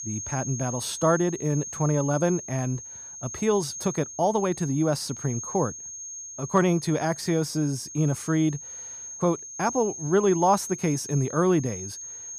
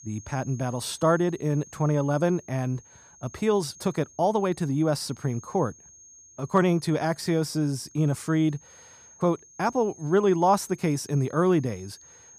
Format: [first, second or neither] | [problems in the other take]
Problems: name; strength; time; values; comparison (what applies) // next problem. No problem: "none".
second | high-pitched whine; loud; throughout; 6.5 kHz, 10 dB below the speech; faint in the second